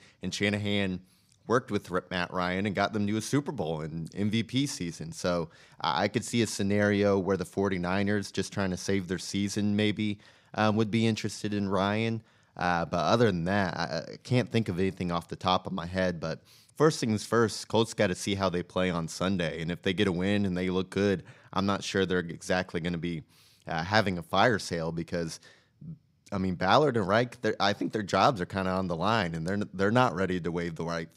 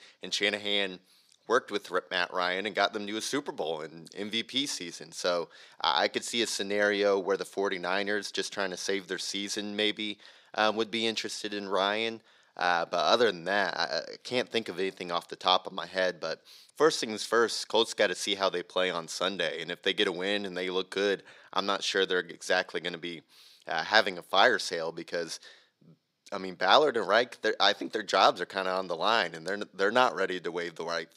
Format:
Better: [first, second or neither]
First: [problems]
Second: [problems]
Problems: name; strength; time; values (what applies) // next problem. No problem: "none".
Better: first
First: none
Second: thin; somewhat; fading below 450 Hz